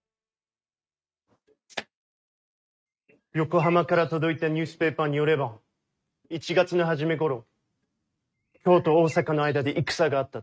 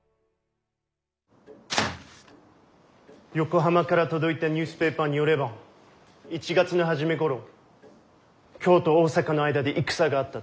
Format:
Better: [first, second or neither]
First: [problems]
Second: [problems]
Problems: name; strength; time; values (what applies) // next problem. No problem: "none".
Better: second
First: noise reduction (neural mask model RNNoise)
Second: none